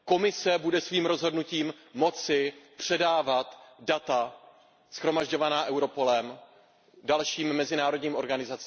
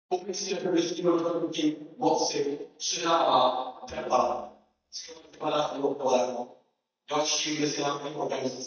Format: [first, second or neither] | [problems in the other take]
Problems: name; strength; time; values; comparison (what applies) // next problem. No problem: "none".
first | noise reduction (neural mask model DeepFilterNet 3)